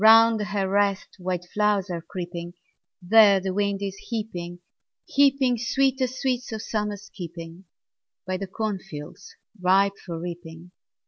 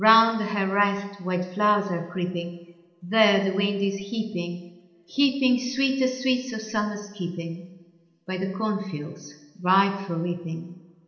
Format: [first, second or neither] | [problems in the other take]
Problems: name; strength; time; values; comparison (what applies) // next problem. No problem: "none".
first | room echo; dies away in 0.9 s